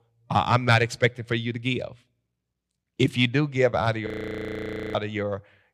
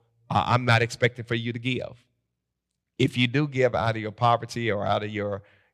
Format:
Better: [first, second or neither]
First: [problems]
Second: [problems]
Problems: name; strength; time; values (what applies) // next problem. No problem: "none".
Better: second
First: audio freezing; at 4 s for 1 s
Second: none